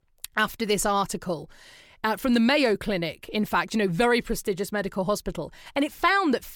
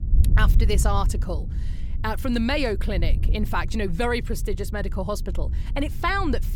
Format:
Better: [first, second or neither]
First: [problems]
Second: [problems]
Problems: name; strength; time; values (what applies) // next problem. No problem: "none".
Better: first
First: none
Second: wind noise on the microphone; occasional gusts; 15 dB below the speech